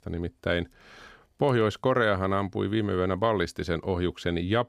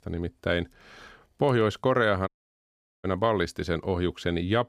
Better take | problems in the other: first | audio cutting out; at 2.5 s for 1 s

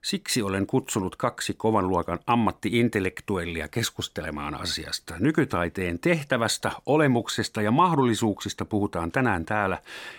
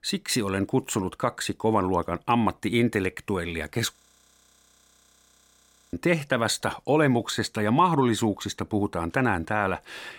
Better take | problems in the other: first | audio freezing; at 4 s for 2 s

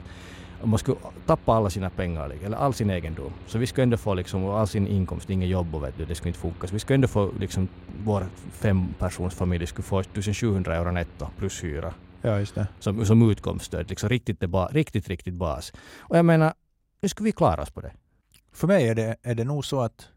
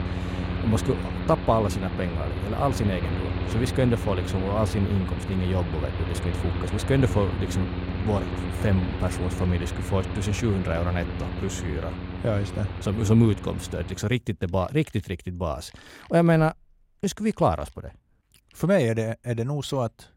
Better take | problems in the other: first | machinery noise; loud; throughout; 5 dB below the speech; faint in the first

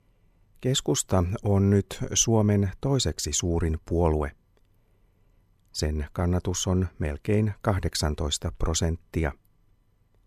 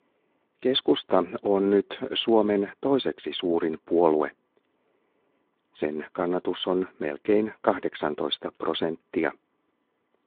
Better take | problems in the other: first | phone-call audio; nothing above 3.5 kHz

